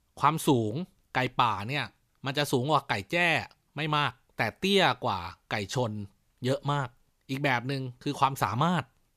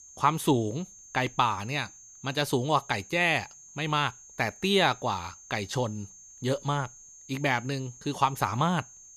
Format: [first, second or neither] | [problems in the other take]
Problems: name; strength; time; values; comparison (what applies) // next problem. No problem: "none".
first | high-pitched whine; noticeable; throughout; 6.5 kHz, 20 dB below the speech